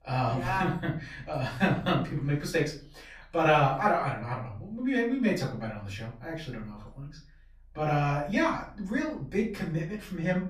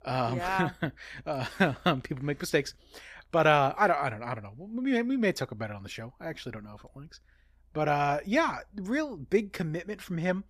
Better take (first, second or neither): second